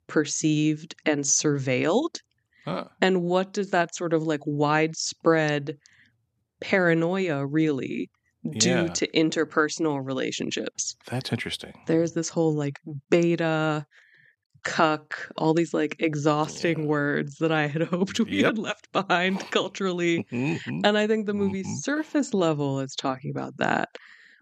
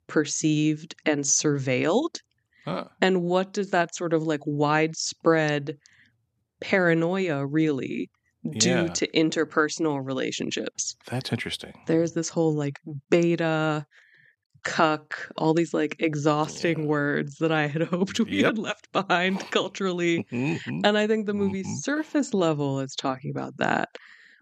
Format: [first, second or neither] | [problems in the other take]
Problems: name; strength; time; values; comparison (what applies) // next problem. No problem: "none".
neither | none